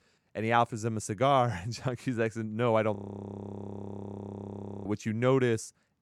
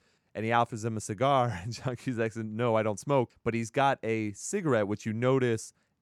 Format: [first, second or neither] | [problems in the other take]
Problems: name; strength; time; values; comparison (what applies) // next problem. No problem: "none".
second | audio freezing; at 3 s for 2 s